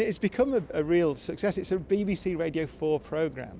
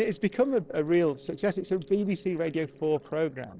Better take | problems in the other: first | noise reduction (neural separator model SepFormer DNS4)

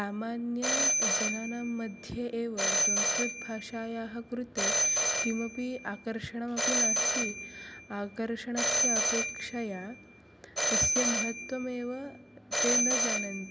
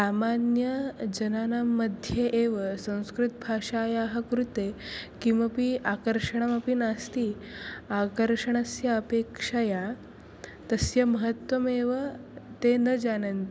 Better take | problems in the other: second | background sound (Telephone); 4 dB above the speech

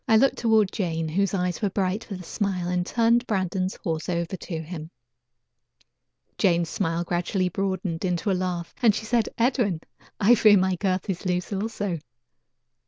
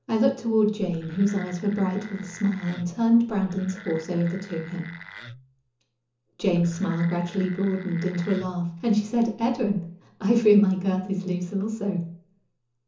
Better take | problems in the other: first | background sound (Wood); 19 dB below the speech // room echo; dies away in 0.8 s

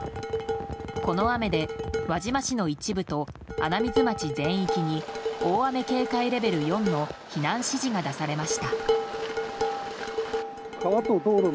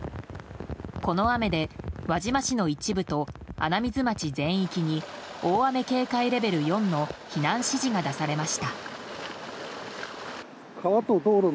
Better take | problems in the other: second | background sound (Dishes, pots, and pans); 4 dB below the speech

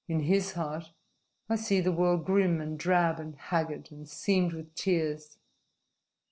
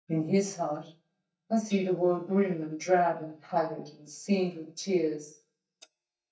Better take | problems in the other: first | noise reduction (neural mask model DeepFilterNet 3)

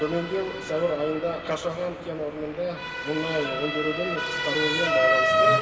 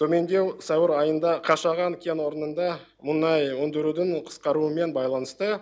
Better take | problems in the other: second | background sound (Motor vehicle (road) / Siren); 2 dB above the speech // room echo; dies away in 2.8 s

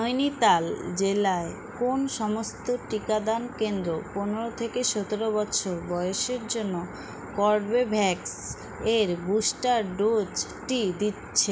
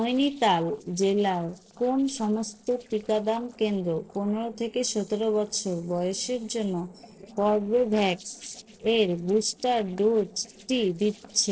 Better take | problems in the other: first | noise reduction (neural separator model SepFormer DNS4)

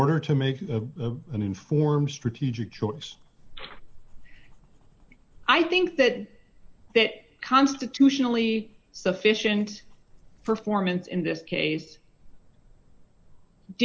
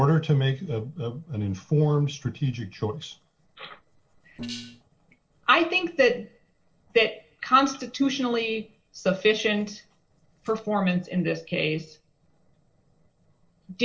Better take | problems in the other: first | noise reduction (neural separator model SepFormer DNS4)

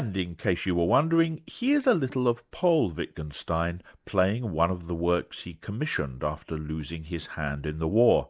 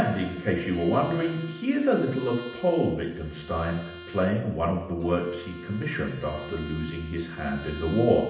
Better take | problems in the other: first | background sound (Bowed string instrument); 16 dB below the speech // room echo; dies away in 0.8 s

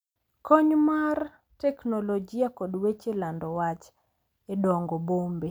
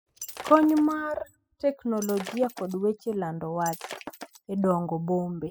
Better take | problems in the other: first | noise reduction (classical method spectral subtraction)

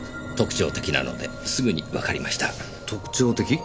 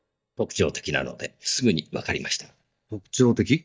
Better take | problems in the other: first | noise reduction (neural mask model DeepFilterNet 3)

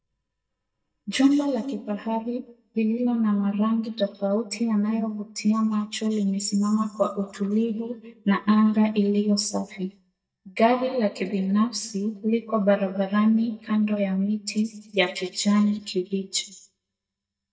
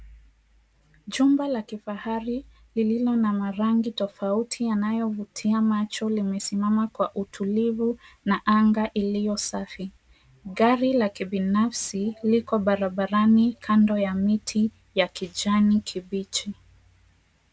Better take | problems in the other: second | noise reduction (neural mask model DeepFilterNet 3)

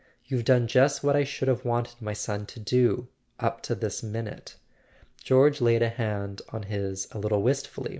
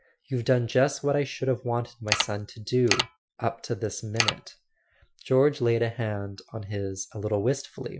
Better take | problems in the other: first | noise reduction (classical method Wiener filter)

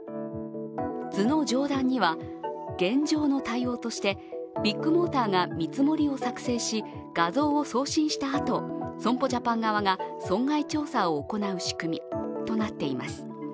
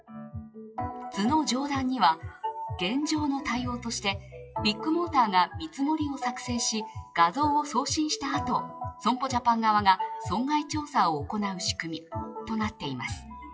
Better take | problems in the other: first | noise reduction (classical method WPE with log-MMSE)

